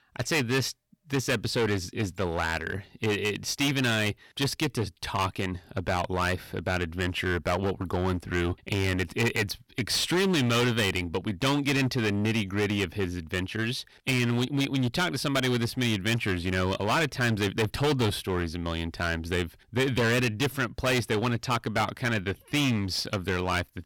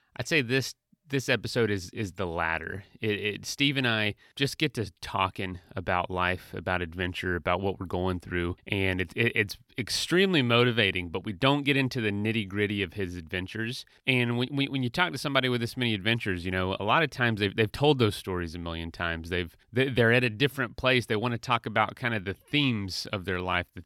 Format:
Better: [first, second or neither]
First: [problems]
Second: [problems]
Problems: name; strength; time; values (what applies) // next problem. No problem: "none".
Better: second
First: distortion; heavy; 13% of the sound clipped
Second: none